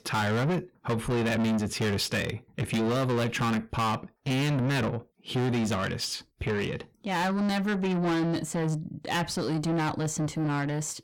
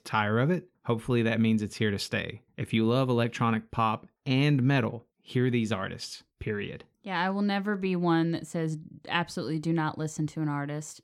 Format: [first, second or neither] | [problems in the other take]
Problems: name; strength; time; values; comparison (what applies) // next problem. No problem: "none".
second | distortion; heavy; 6 dB below the speech